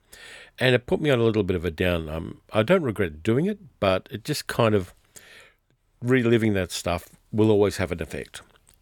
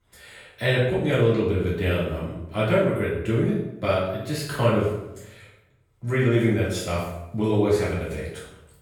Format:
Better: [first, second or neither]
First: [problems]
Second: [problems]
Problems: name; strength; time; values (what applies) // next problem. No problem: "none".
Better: first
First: none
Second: off-mic speech; far // room echo; noticeable; dies away in 0.7 s